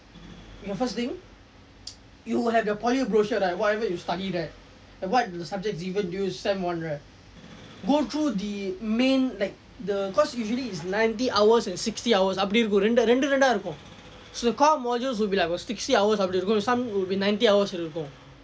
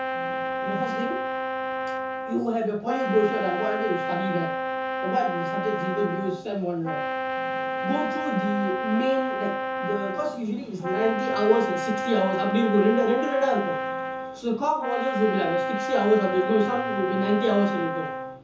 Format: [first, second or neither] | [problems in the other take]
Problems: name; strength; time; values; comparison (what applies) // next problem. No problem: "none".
first | background sound (Brass instrument); 3 dB below the speech // room echo; dies away in 0.6 s